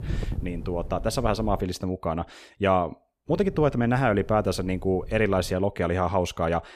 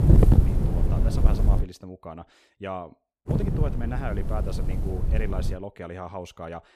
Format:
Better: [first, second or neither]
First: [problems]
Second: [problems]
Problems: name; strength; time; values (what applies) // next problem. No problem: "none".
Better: first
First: wind noise on the microphone; occasional gusts; until 1.5 s and from 3.5 to 5.5 s; 25 dB below the speech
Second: wind noise on the microphone; heavy; until 1.5 s and from 3.5 to 5.5 s; 1 dB above the speech